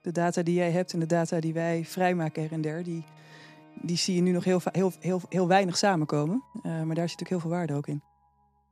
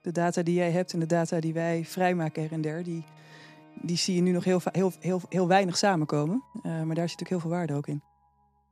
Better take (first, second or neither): neither